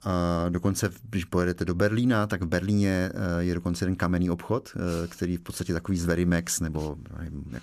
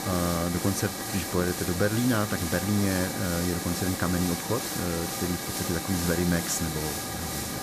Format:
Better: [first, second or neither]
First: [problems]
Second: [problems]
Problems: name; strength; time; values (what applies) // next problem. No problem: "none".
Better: first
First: none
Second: hiss; loud; throughout; 2 dB below the speech